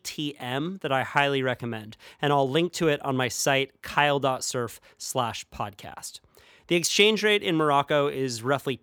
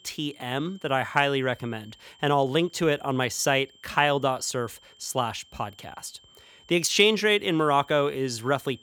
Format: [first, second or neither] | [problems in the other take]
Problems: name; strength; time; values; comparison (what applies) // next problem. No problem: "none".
first | high-pitched whine; faint; throughout; 3 kHz, 30 dB below the speech